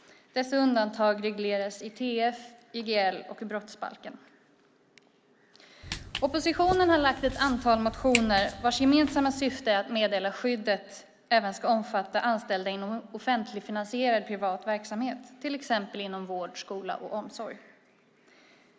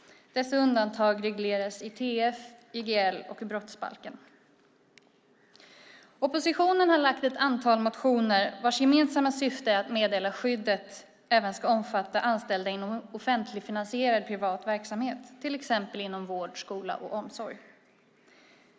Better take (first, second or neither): second